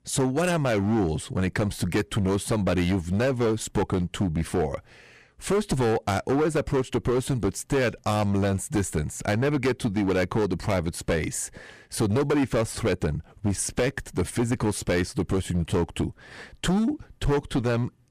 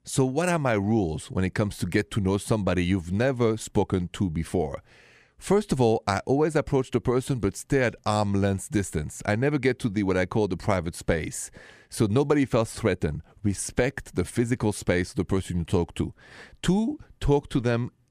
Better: second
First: distortion; heavy; 13% of the sound clipped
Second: none

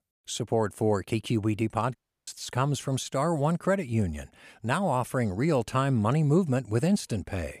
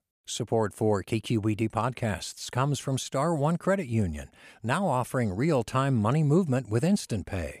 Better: second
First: audio cutting out; at 2 s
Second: none

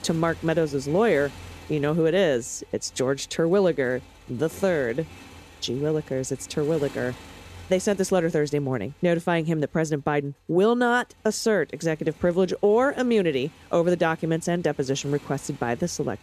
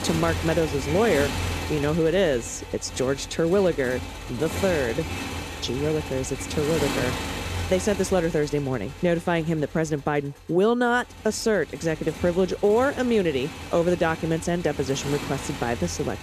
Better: first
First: traffic noise; faint; throughout; 20 dB below the speech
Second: traffic noise; loud; throughout; 8 dB below the speech

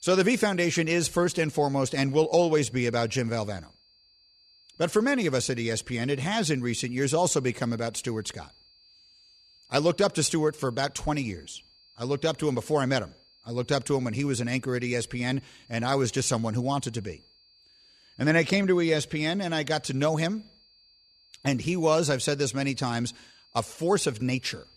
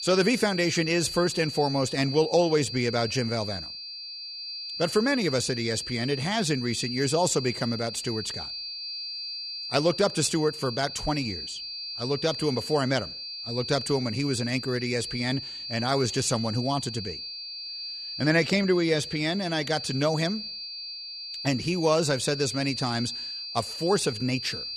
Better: first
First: high-pitched whine; faint; throughout; 4.5 kHz, 30 dB below the speech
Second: high-pitched whine; loud; throughout; 4.5 kHz, 7 dB below the speech

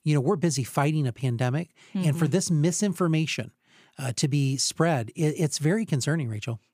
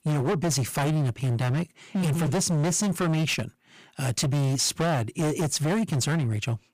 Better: first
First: none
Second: distortion; heavy; 30% of the sound clipped

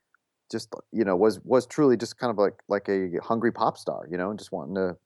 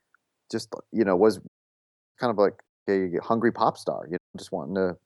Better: first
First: none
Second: audio cutting out; at 1.5 s for 0.5 s, at 2.5 s and at 4 s

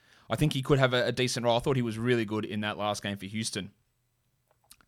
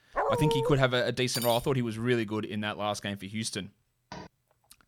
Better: first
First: none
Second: dog barking; loud; at the start; peak 1 dB above the speech // clattering dishes; noticeable; at 1.5 s; peak 5 dB below the speech // door banging; faint; at 4 s; peak 15 dB below the speech

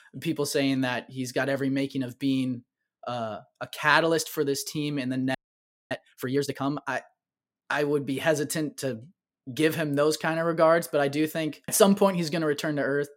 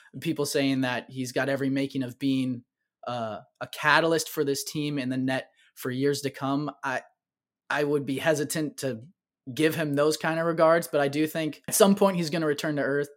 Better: second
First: audio freezing; at 5.5 s for 0.5 s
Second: none

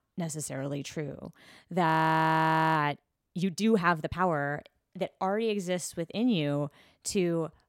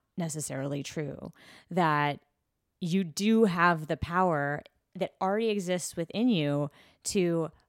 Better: second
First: audio freezing; at 2 s for 1 s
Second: none

